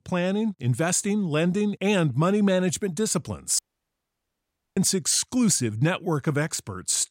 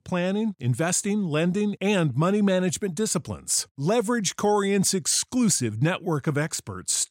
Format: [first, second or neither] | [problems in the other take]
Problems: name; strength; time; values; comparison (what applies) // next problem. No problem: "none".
second | audio cutting out; at 3.5 s for 1 s